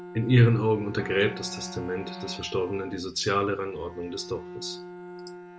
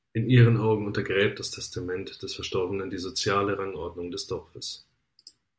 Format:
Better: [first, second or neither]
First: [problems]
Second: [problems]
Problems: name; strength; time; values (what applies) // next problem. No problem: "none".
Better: second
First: background sound (Bowed string instrument + Wind instrument, woodwind instrument); 14 dB below the speech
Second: none